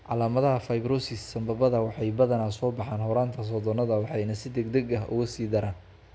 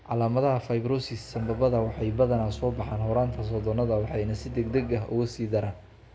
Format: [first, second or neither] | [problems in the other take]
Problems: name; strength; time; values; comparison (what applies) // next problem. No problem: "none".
first | background sound (Musical instrument); 12 dB below the speech // room echo; dies away in 1.8 s